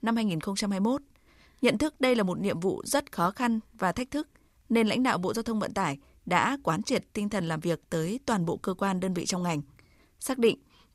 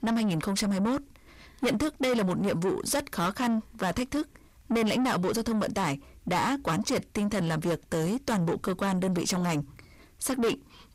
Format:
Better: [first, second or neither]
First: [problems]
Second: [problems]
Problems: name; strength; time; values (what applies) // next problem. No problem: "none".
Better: first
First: none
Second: distortion; heavy; 7 dB below the speech